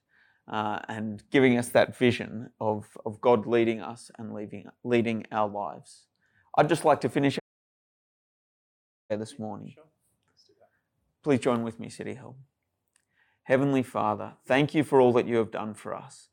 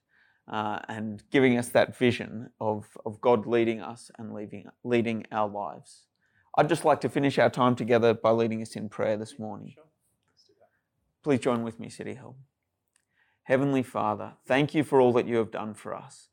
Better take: second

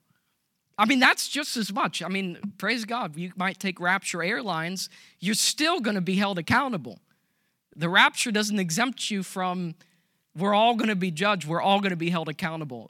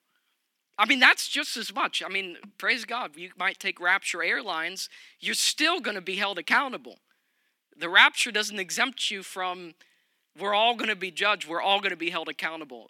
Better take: first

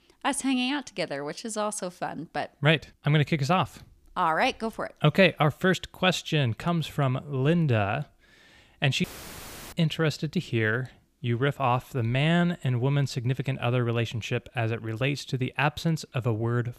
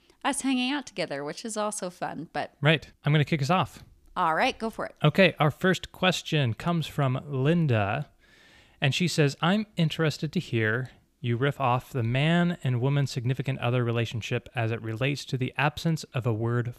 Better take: second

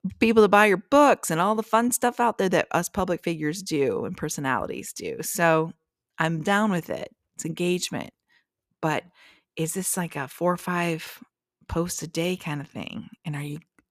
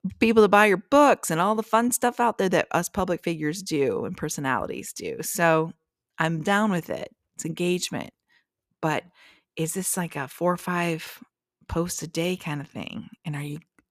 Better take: neither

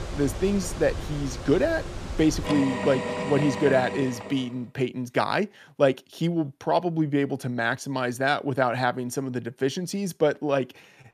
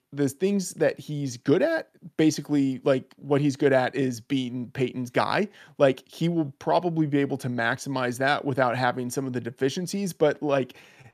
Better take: second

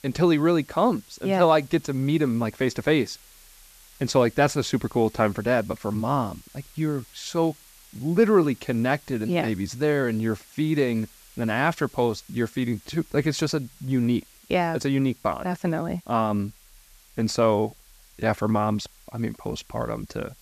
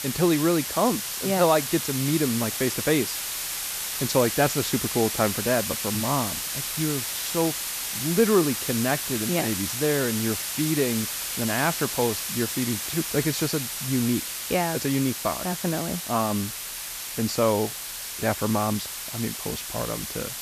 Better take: first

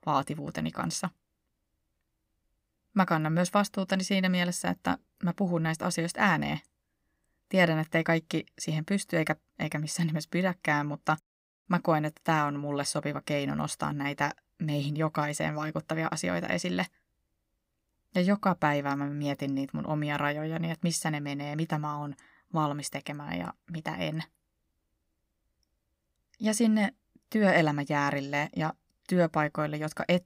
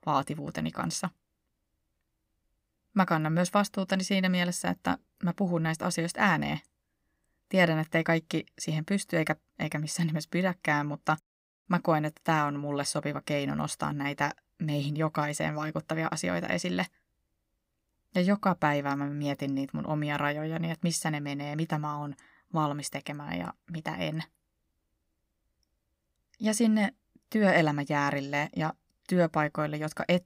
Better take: neither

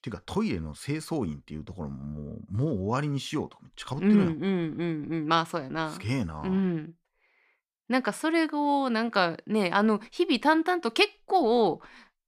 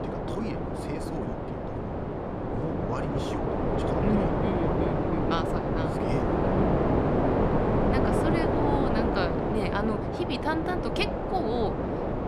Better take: first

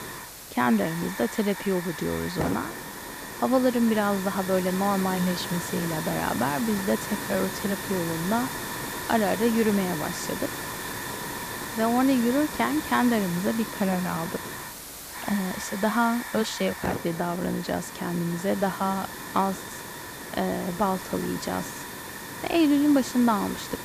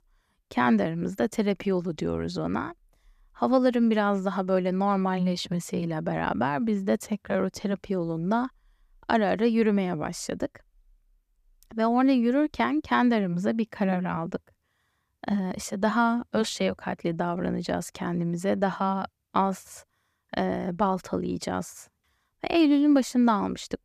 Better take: second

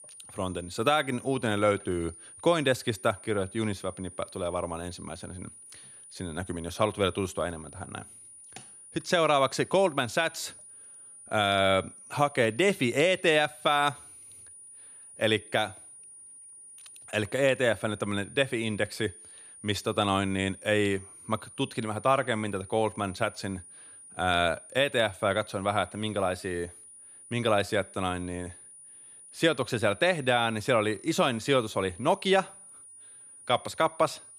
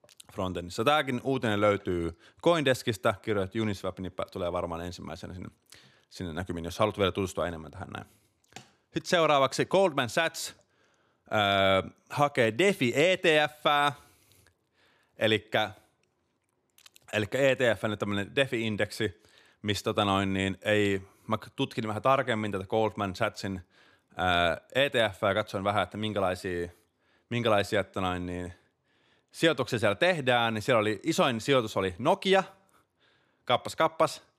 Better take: second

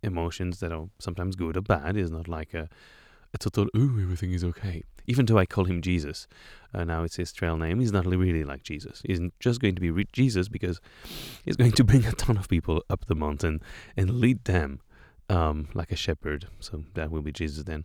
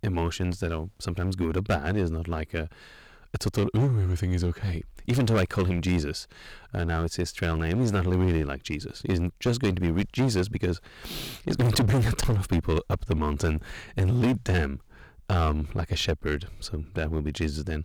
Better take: first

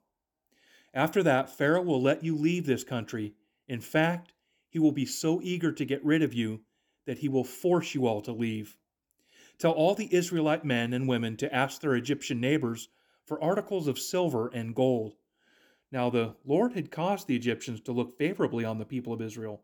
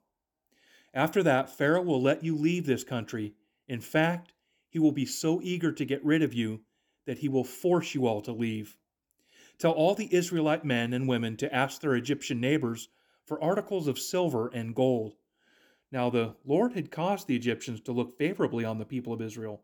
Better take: neither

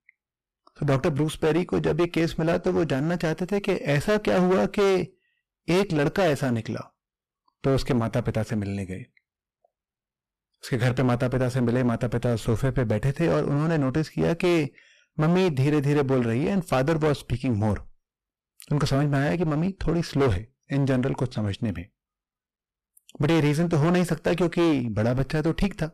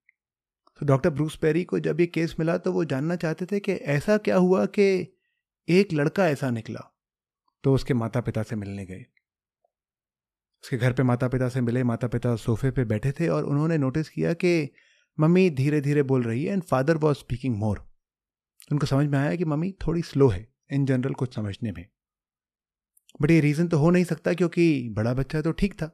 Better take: second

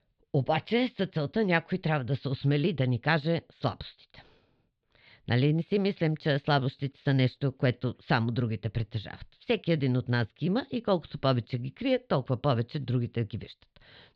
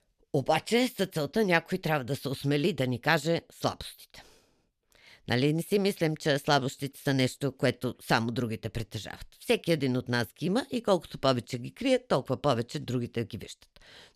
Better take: second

